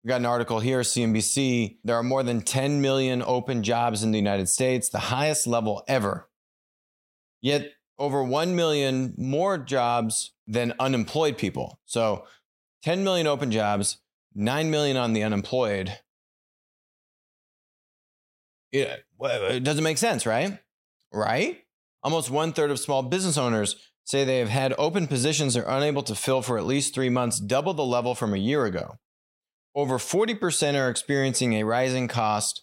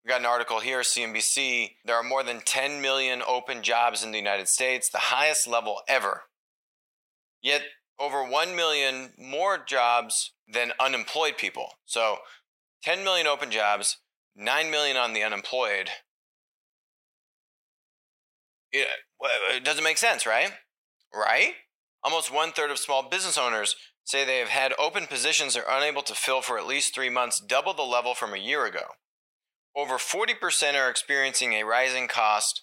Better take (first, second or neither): first